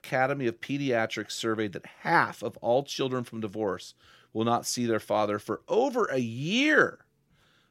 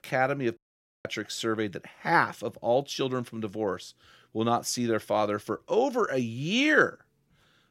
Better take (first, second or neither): first